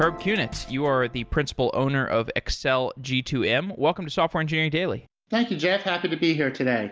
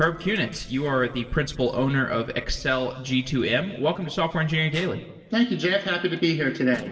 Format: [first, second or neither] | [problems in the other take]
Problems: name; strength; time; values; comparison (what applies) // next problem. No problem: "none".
first | noise reduction (neural separator model SepFormer DNS4)